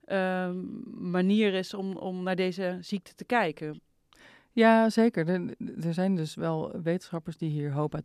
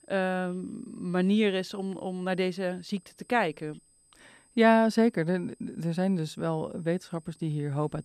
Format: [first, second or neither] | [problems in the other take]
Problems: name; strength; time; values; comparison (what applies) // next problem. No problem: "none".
first | high-pitched whine; faint; throughout; 8 kHz, 30 dB below the speech